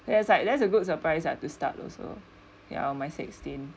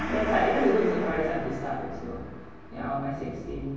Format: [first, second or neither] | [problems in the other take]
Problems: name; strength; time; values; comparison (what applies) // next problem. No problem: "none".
first | background sound (Gong); 8 dB below the speech // room echo; dies away in 1.3 s